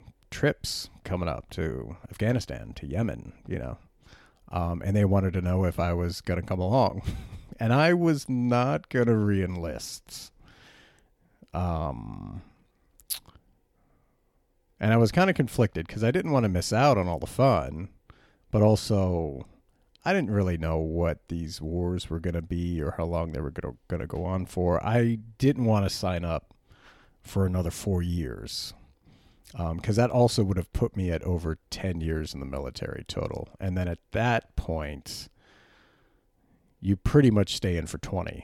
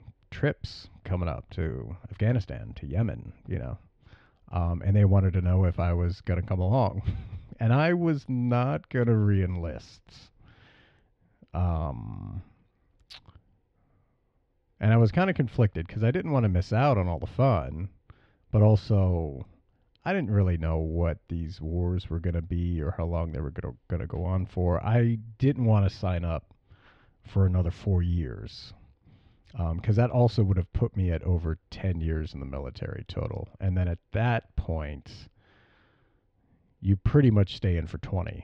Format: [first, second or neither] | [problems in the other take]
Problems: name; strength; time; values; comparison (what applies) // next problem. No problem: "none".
first | muffled; slightly; fading above 3.5 kHz